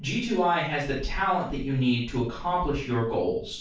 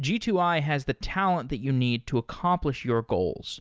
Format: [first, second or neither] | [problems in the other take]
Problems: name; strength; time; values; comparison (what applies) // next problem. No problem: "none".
second | room echo; dies away in 0.3 s